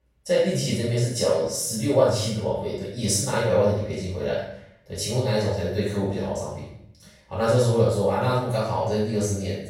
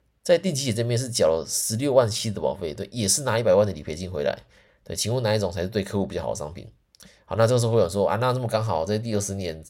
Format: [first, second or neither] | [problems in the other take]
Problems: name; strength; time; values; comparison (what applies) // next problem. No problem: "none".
second | off-mic speech; far // room echo; noticeable; dies away in 0.6 s